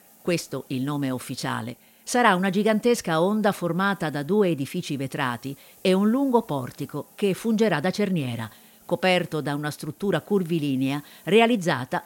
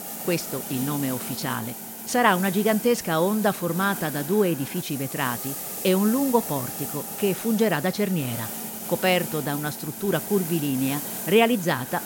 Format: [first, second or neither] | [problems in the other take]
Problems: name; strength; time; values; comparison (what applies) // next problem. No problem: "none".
first | hiss; loud; throughout; 7 dB below the speech; faint in the first